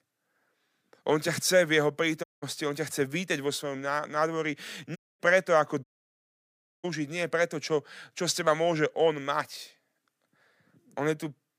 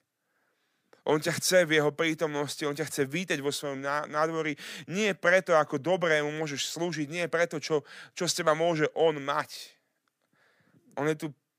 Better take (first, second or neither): second